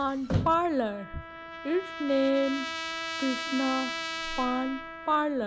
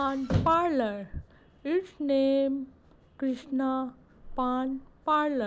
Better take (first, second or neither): second